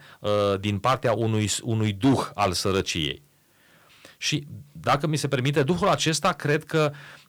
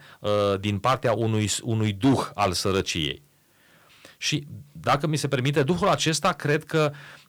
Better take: neither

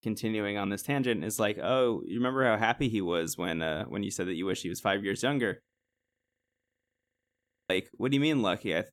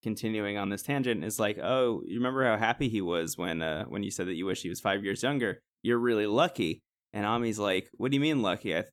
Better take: second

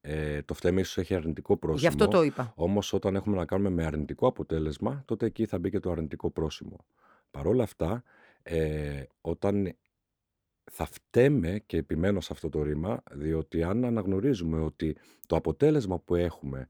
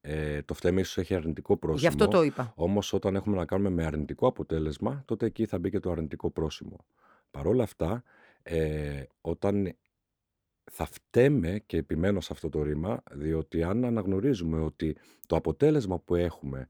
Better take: neither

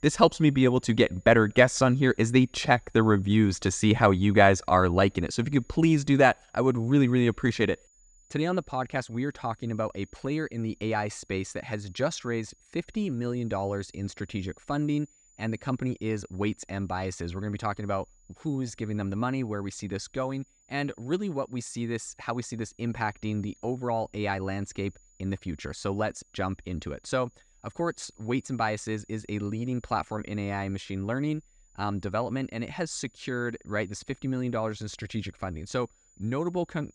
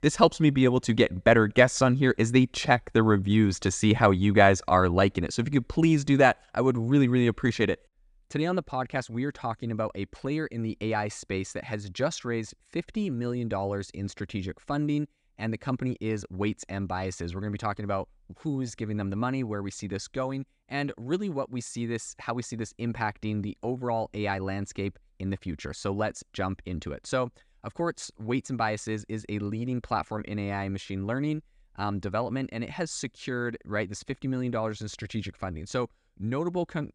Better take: second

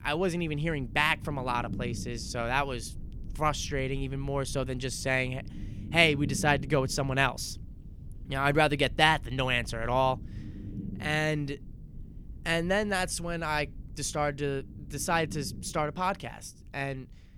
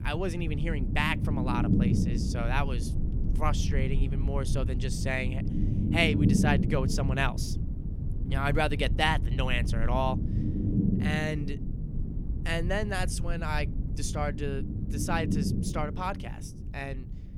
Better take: first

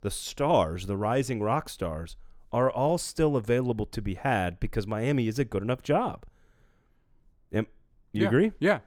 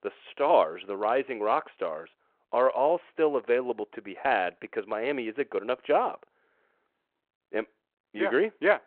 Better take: first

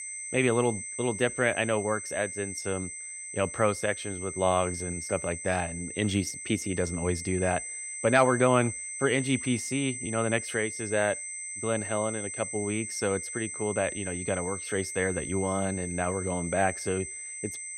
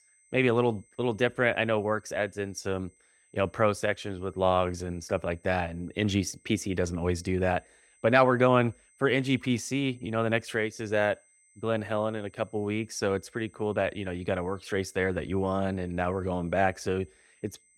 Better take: second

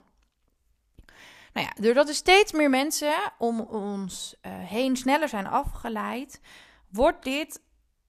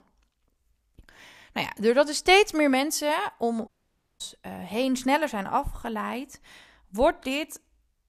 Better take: first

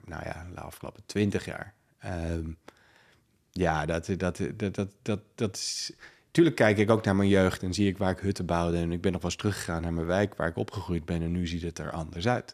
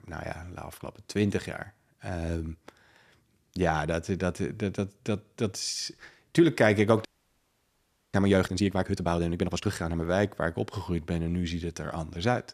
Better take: first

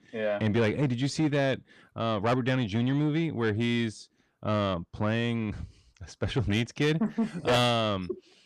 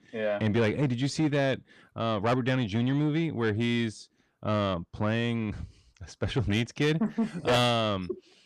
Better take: neither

